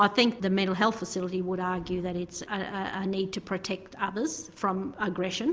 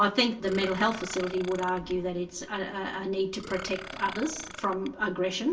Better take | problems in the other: first | background sound (Burping, eructation); 13 dB below the speech // room echo; dies away in 0.2 s

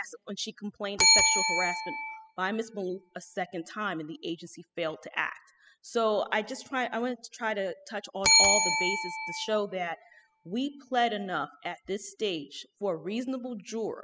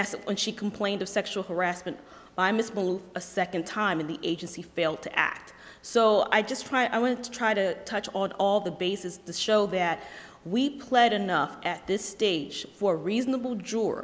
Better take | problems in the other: second | noise reduction (classical method spectral subtraction)

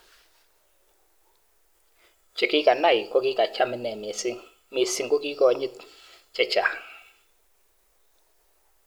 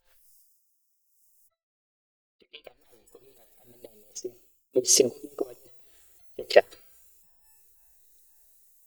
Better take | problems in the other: first | noise reduction (neural mask model DeepFilterNet 3)

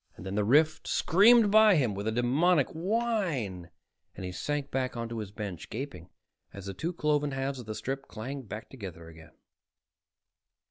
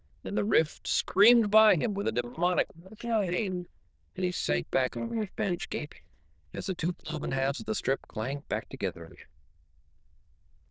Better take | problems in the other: first | noise reduction (neural diffusion model UNIVERSE++)

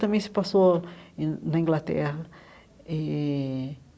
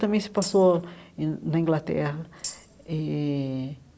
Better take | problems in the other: first | background sound (Tambourine); 15 dB below the speech

